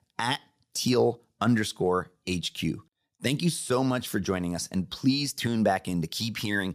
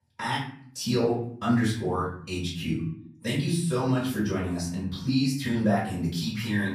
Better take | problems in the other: first | off-mic speech; far // room echo; noticeable; dies away in 0.6 s

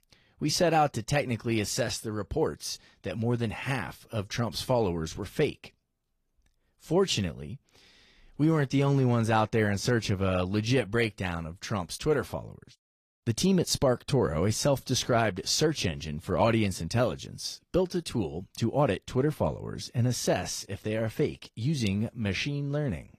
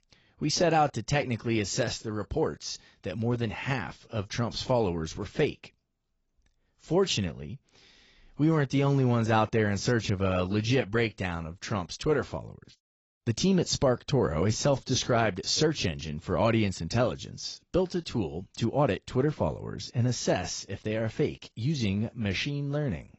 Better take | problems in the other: first | garbled, watery; badly; nothing above 7.5 kHz; slightly in the first

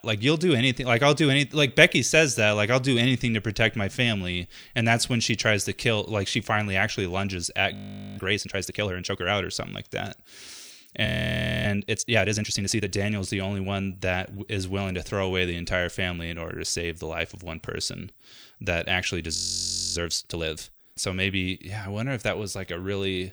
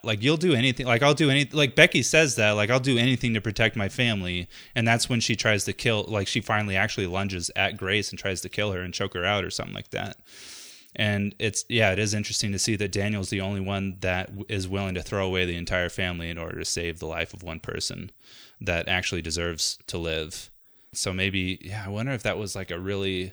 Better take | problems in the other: second | audio freezing; at 7.5 s, at 11 s for 0.5 s and at 19 s for 0.5 s

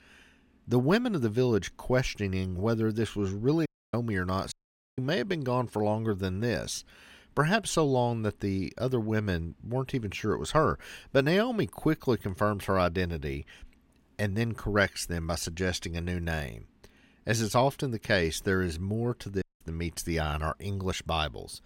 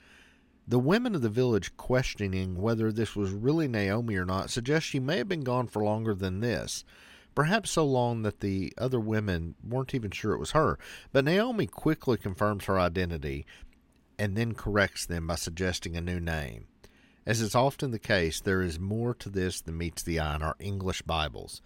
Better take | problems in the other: second | audio cutting out; at 3.5 s, at 4.5 s and at 19 s

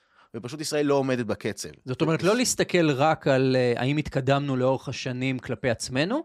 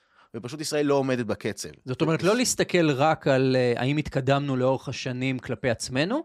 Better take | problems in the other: neither | none

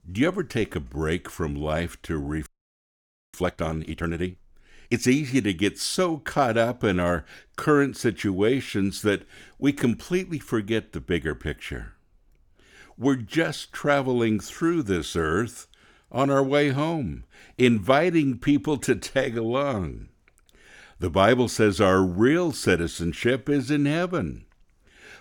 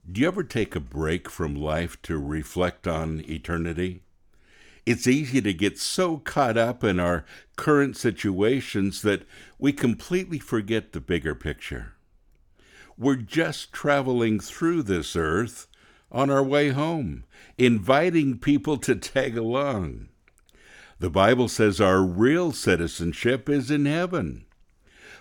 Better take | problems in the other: second | audio freezing; at 2.5 s for 1 s

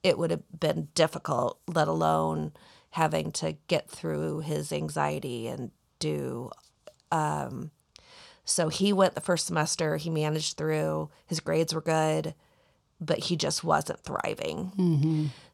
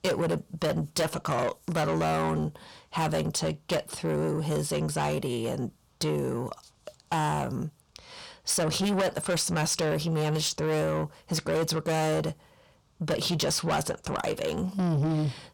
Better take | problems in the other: first | distortion; heavy; 7 dB below the speech

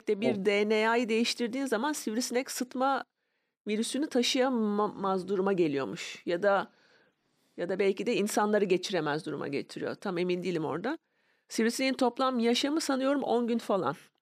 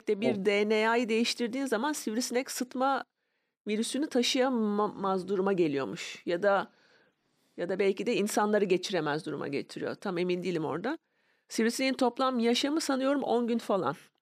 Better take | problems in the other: neither | none

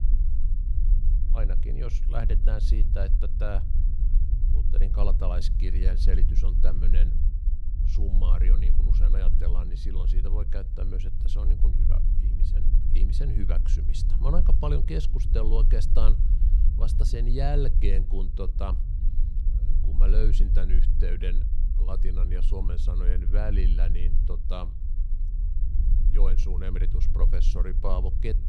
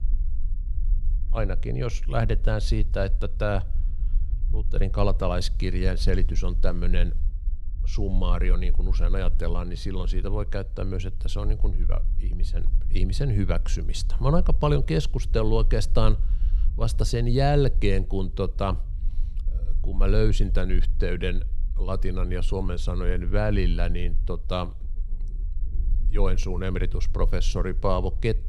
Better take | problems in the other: second | low rumble; loud; throughout; 8 dB below the speech; faint in the second

